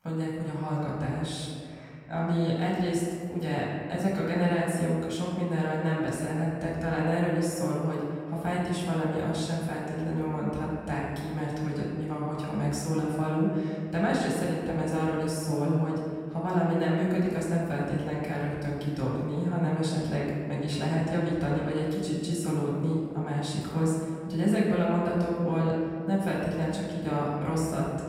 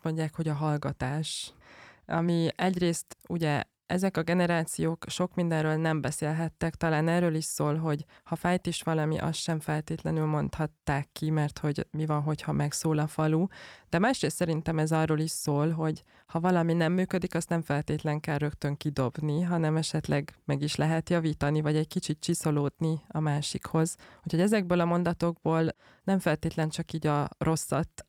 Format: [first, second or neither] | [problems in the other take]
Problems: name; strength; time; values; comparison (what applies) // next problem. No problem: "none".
second | off-mic speech; far // room echo; noticeable; dies away in 2.2 s